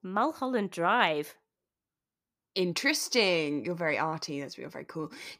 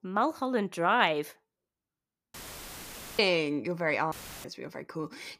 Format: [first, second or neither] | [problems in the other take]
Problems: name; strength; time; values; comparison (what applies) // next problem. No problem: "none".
first | audio cutting out; filled with static; at 2.5 s for 1 s and at 4 s